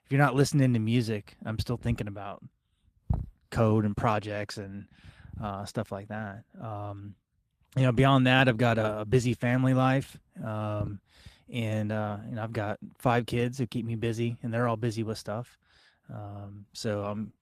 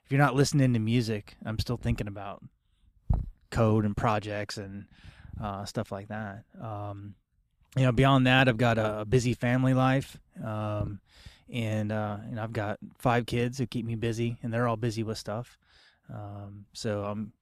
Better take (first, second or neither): second